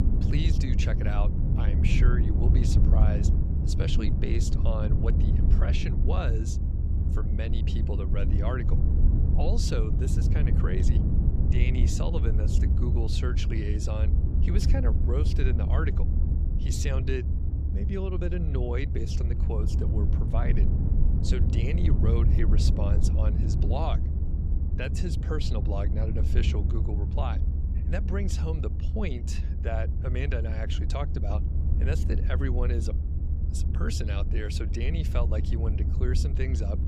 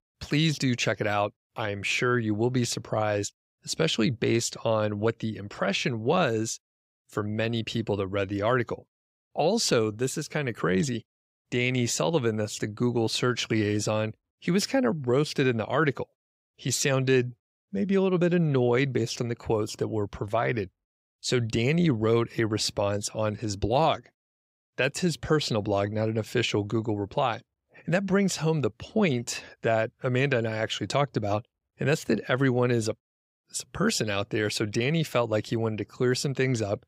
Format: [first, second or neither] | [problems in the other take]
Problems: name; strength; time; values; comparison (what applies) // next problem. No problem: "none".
second | low rumble; loud; throughout; 4 dB below the speech